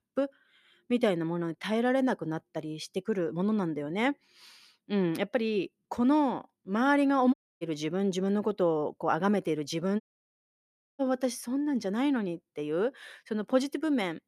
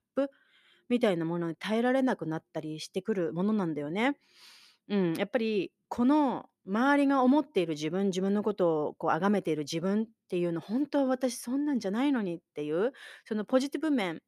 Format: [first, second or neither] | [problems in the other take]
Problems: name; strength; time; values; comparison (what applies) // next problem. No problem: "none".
second | audio cutting out; at 7.5 s and at 10 s for 1 s